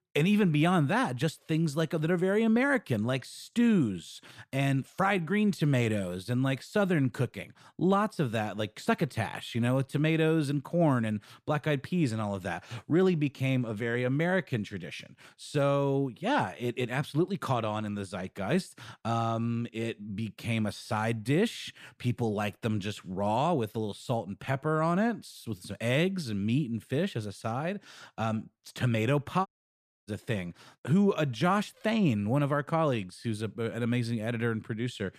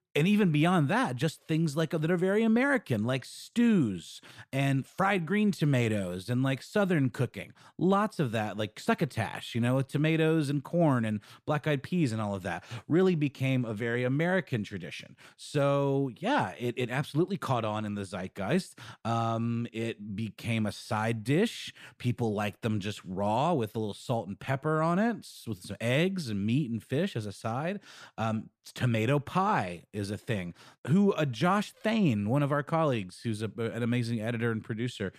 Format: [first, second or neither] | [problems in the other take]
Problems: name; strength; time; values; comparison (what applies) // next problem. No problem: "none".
second | audio cutting out; at 29 s for 0.5 s